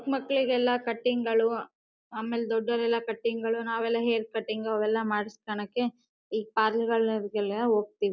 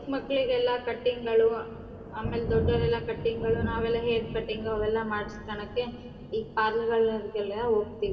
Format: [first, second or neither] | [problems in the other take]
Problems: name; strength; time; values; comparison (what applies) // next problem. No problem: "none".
first | background sound (Thunder); 9 dB below the speech // room echo; dies away in 2.3 s